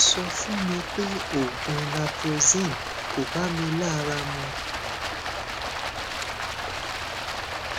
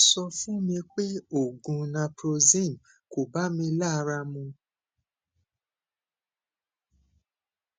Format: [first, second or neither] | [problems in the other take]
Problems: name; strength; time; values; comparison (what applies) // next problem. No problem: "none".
second | background sound (Stream); 2 dB below the speech